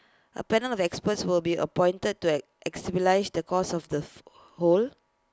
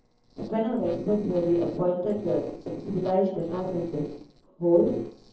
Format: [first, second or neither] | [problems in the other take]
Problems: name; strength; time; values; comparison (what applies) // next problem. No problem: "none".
first | noise reduction (neural separator model SepFormer DNS4)